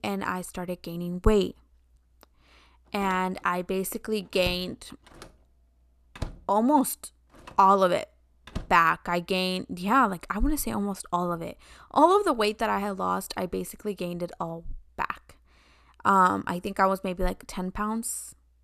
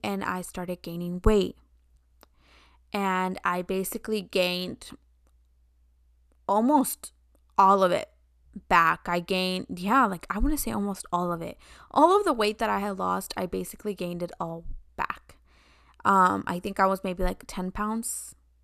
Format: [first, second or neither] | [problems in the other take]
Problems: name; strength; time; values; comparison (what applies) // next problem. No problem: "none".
second | door banging; faint; from 3 to 8.5 s; peak 15 dB below the speech